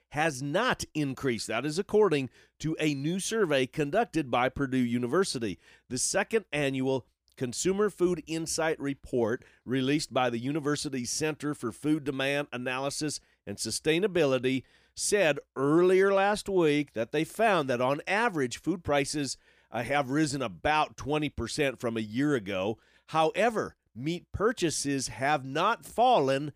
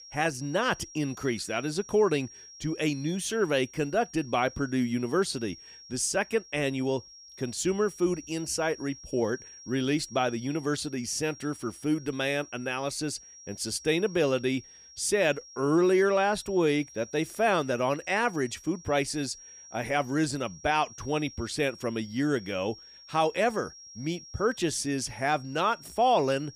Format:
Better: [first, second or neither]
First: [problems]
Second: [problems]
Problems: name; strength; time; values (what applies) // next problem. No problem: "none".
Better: first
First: none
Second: high-pitched whine; noticeable; throughout; 5.5 kHz, 20 dB below the speech